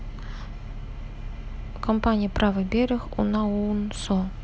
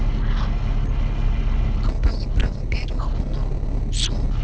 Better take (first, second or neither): first